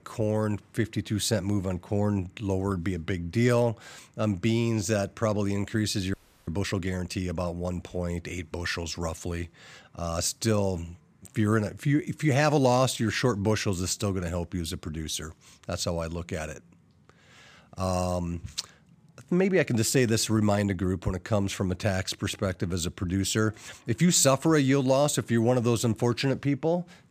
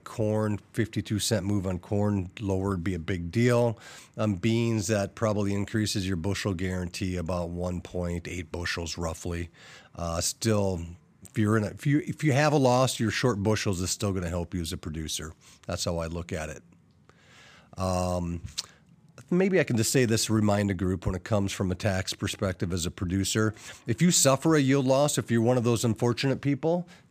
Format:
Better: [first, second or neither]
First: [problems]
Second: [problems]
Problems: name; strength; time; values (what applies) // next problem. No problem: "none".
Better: second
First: audio freezing; at 6 s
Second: none